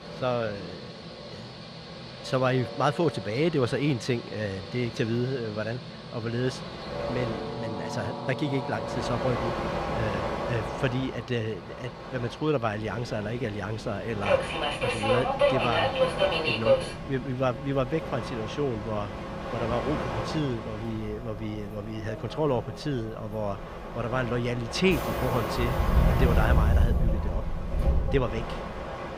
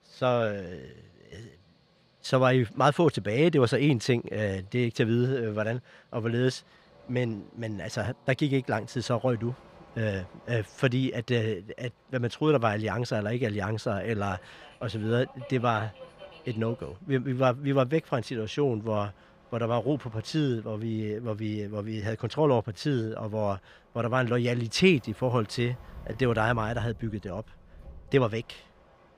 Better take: second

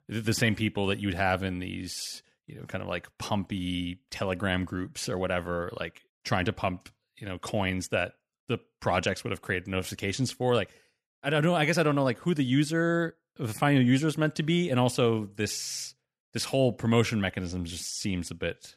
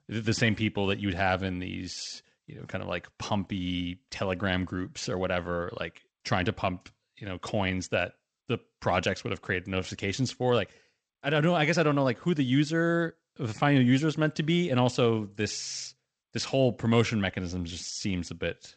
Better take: first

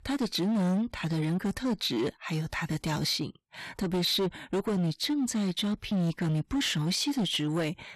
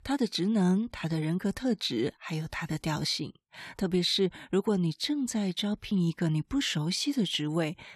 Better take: second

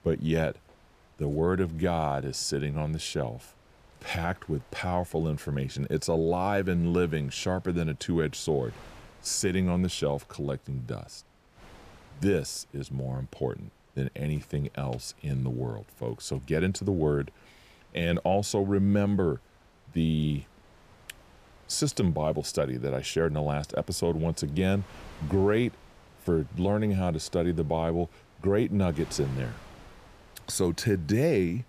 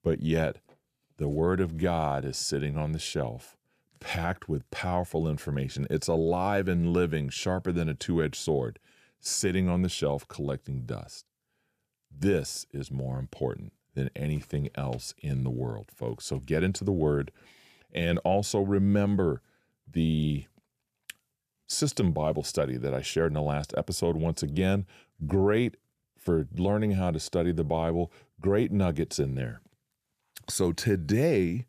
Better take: second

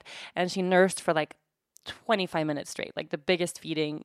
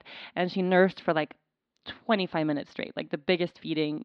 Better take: first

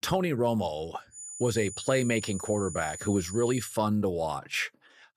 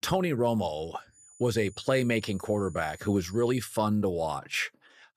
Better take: second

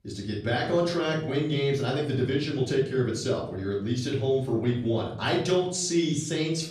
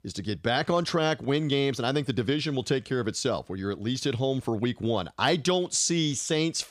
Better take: second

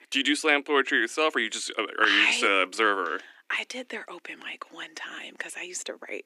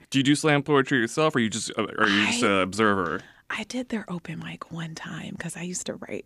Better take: second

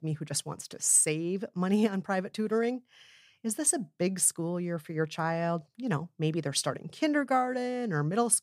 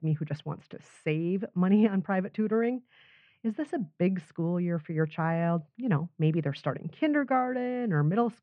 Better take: first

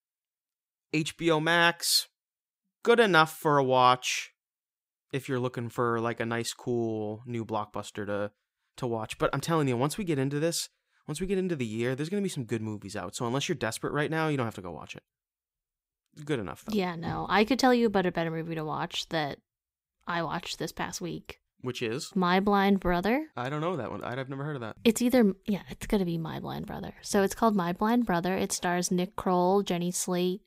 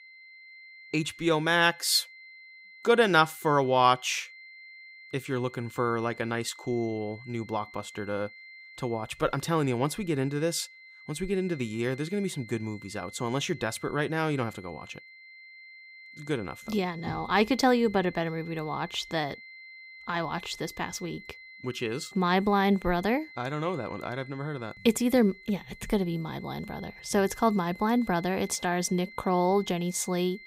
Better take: first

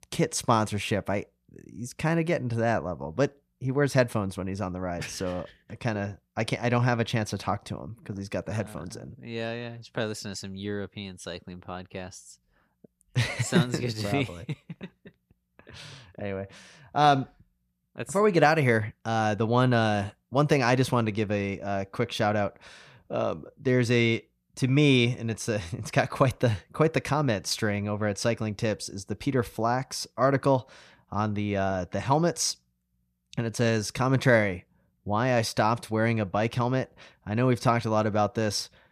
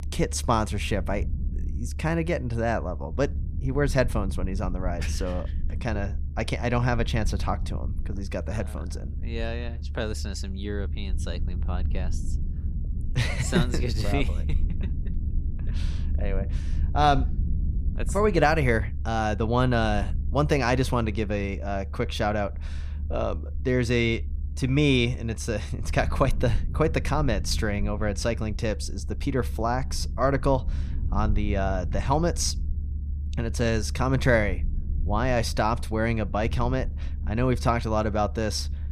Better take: first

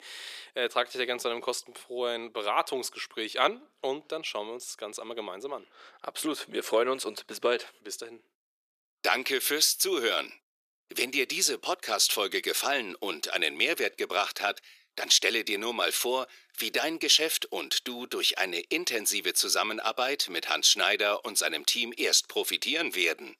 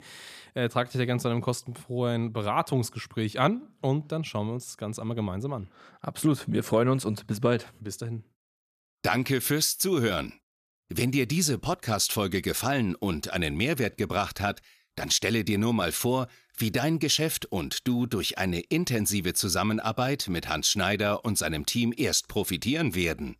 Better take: second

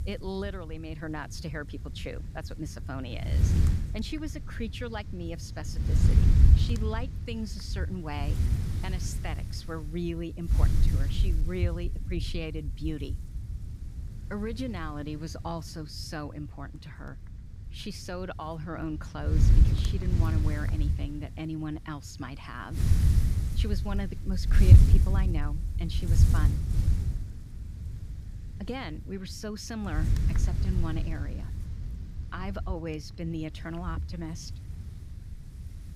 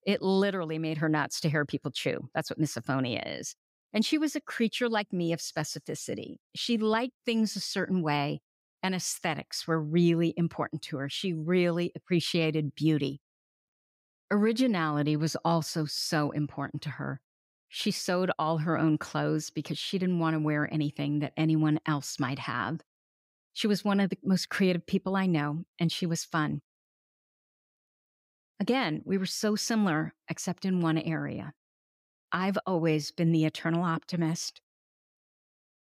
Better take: second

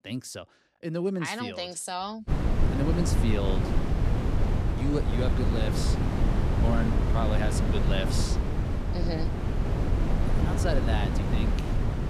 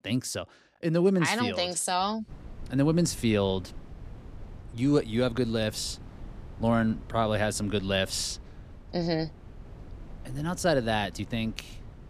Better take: second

